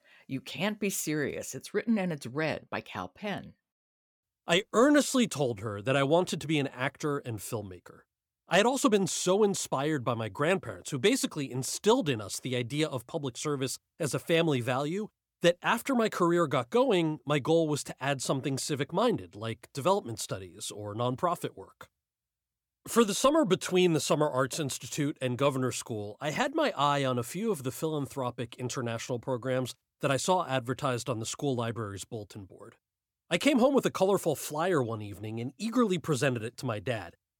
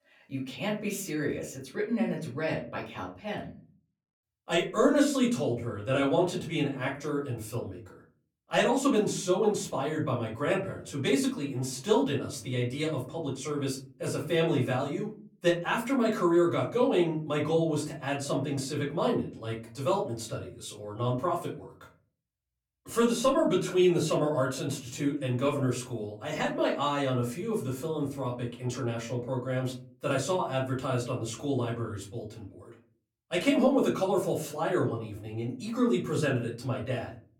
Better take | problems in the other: first | off-mic speech; far // room echo; slight; dies away in 0.4 s

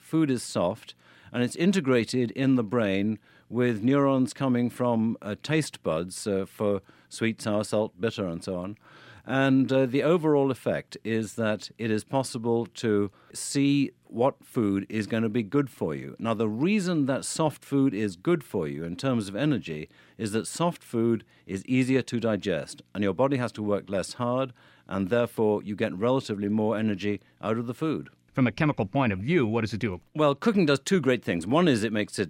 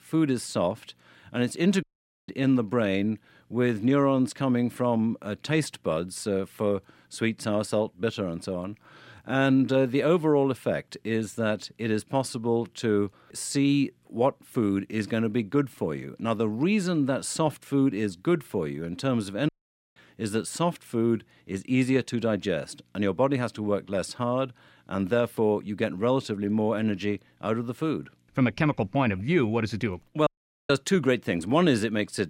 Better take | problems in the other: first | audio cutting out; at 2 s, at 19 s and at 30 s

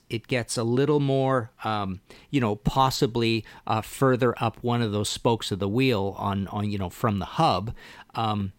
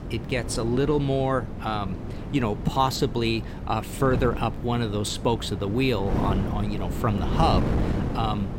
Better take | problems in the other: first | wind noise on the microphone; heavy; 9 dB below the speech

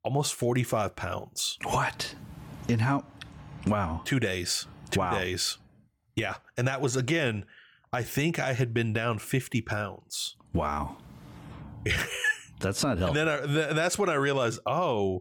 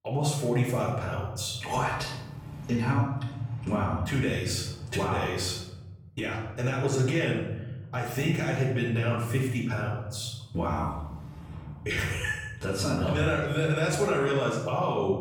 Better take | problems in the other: first | room echo; noticeable; dies away in 1.3 s // off-mic speech; far

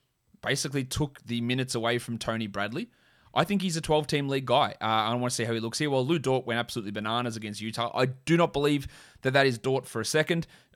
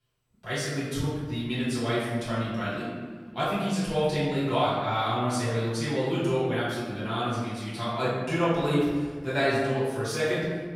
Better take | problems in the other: first | off-mic speech; far // room echo; strong; dies away in 1.5 s

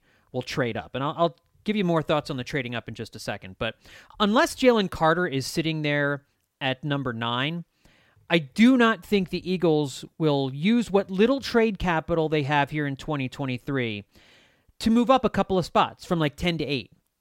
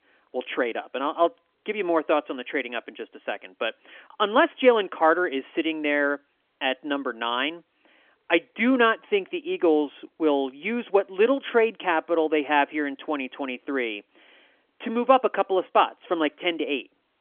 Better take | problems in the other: first | phone-call audio; nothing above 3.5 kHz

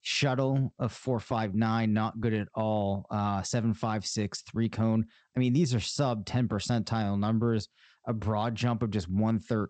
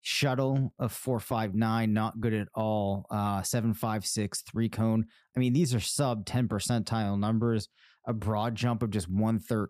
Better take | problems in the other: second | garbled, watery; slightly; nothing above 8 kHz

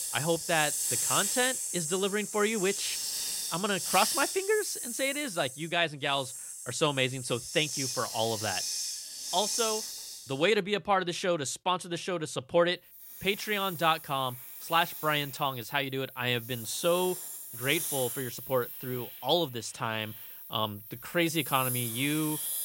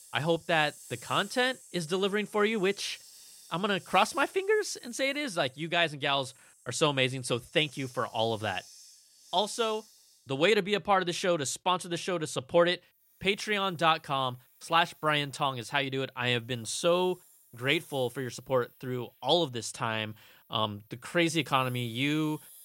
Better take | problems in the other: second | hiss; loud; throughout; 4 dB below the speech; faint in the second

